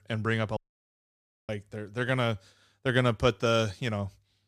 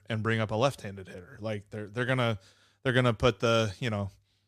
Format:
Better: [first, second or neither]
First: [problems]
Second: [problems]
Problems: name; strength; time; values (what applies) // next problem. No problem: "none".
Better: second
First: audio cutting out; at 0.5 s for 1 s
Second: none